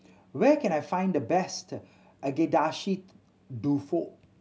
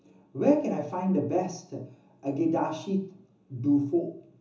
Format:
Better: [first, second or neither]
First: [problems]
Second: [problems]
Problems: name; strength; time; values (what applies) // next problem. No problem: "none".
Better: first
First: none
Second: room echo; dies away in 0.7 s